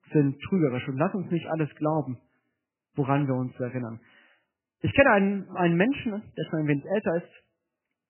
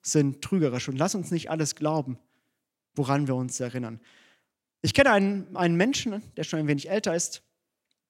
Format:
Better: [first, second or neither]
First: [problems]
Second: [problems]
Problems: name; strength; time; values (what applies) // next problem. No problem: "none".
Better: second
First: garbled, watery; badly; nothing above 3 kHz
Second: none